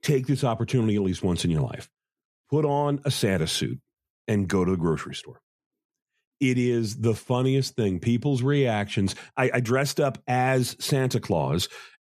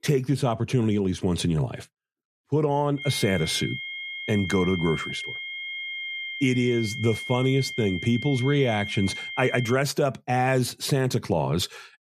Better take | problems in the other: first | high-pitched whine; loud; from 3 to 9.5 s; 2 kHz, 7 dB below the speech

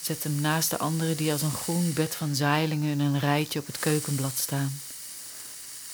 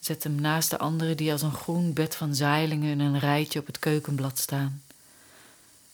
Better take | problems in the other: second | hiss; loud; throughout; 9 dB below the speech; faint in the second

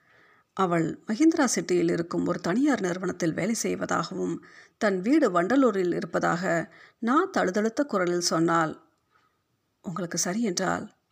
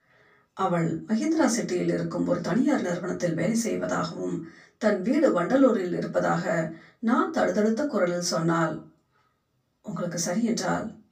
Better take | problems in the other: first | off-mic speech; far // room echo; very slight; dies away in 0.2 s

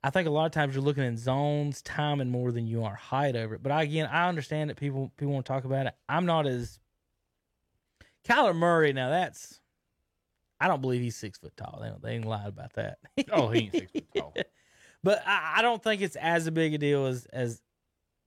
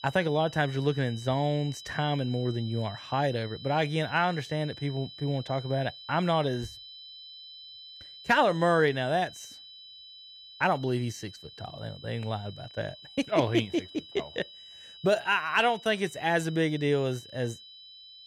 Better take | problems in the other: first | high-pitched whine; noticeable; throughout; 4 kHz, 15 dB below the speech

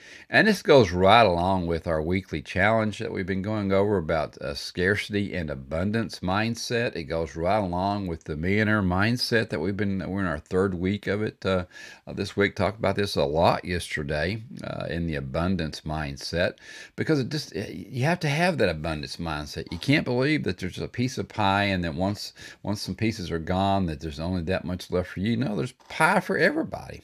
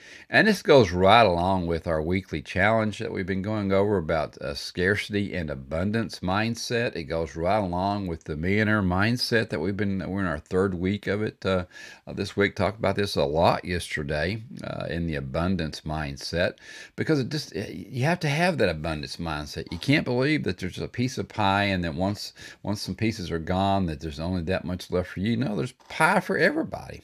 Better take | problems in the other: neither | none

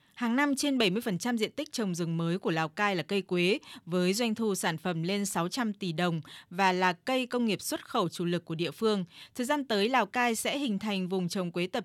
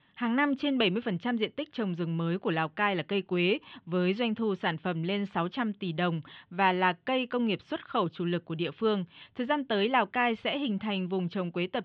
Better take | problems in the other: first | muffled; very; fading above 3 kHz

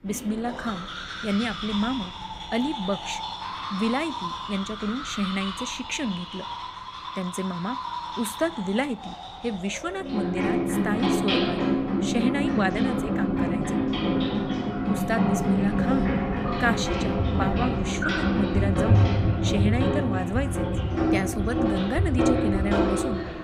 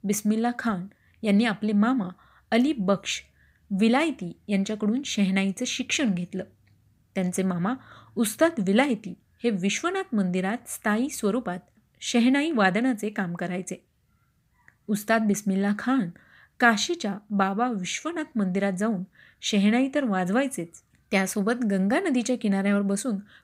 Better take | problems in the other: second | household noises; very loud; throughout; 3 dB above the speech

